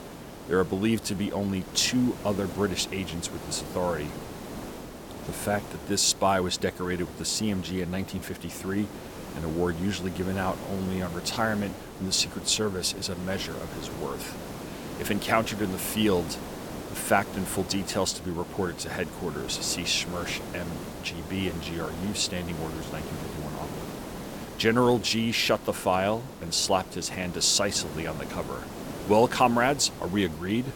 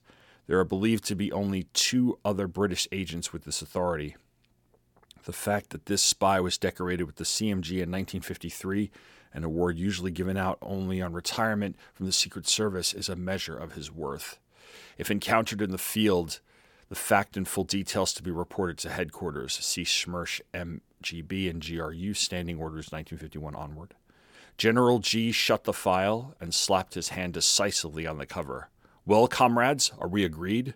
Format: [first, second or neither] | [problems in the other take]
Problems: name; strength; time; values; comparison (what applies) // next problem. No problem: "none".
second | hiss; noticeable; throughout; 10 dB below the speech